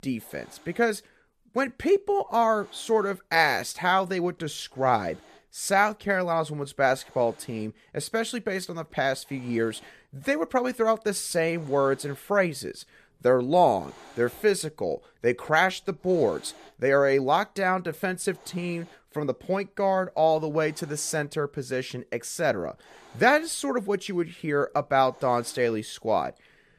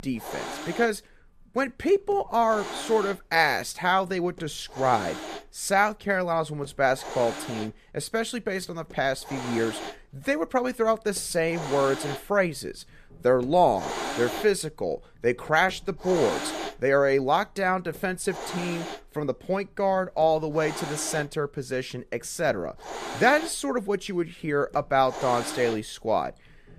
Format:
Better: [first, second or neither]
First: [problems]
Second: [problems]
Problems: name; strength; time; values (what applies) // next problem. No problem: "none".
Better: first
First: hiss; faint; throughout; 25 dB below the speech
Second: hiss; loud; throughout; 10 dB below the speech